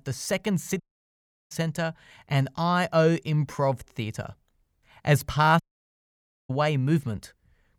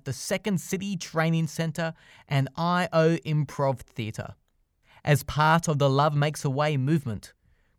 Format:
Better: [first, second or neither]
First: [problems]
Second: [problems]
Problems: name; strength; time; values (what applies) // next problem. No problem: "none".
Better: second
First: audio cutting out; at 1 s for 0.5 s and at 5.5 s for 1 s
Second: none